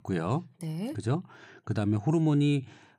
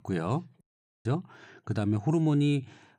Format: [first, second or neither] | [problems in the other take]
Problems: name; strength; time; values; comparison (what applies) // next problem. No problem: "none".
first | audio cutting out; at 0.5 s